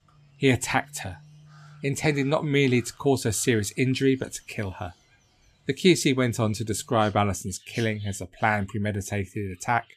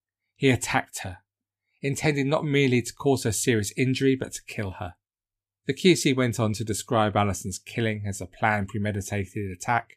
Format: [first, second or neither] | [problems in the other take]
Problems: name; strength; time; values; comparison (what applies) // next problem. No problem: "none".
second | animal sounds; faint; throughout; 25 dB below the speech